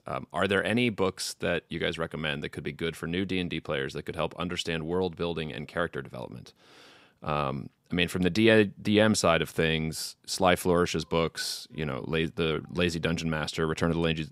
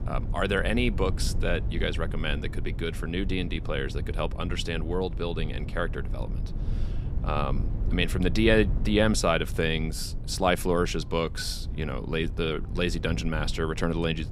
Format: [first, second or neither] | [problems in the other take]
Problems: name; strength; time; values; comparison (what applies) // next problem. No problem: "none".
first | low rumble; noticeable; throughout; 20 dB below the speech